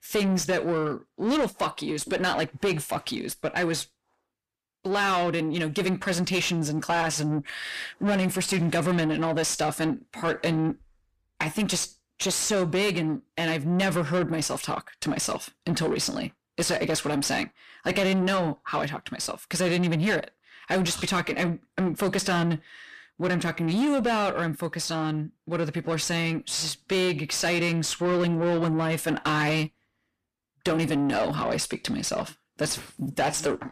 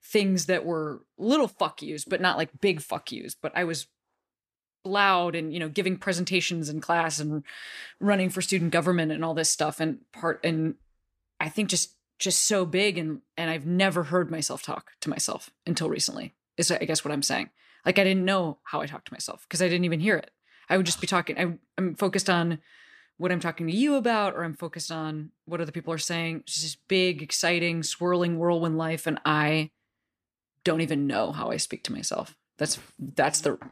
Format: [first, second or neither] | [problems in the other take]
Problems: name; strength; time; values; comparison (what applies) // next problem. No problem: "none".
second | distortion; heavy; 7 dB below the speech